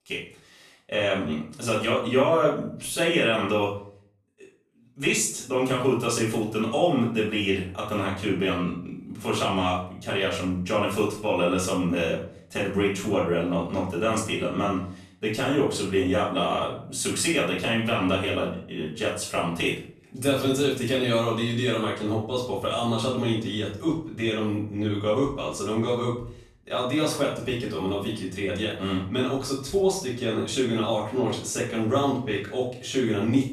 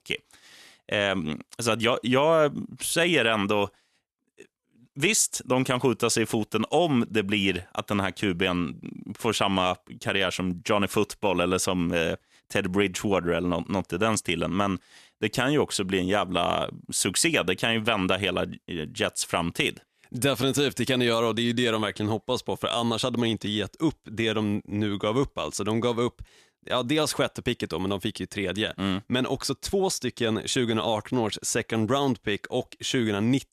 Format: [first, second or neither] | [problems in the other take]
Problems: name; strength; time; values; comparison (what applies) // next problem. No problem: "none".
second | off-mic speech; far // room echo; noticeable; dies away in 0.4 s